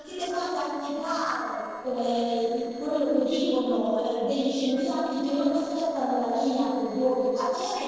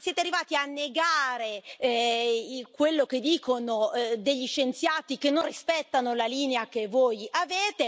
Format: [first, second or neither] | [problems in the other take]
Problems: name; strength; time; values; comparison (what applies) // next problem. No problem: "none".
second | noise reduction (neural separator model SepFormer DNS4)